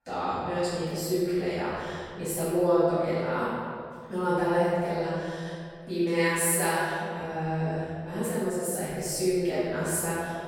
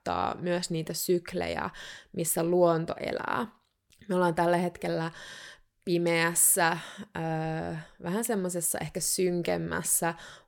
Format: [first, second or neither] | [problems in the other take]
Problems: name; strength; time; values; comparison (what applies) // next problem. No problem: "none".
second | room echo; strong; dies away in 2 s // off-mic speech; far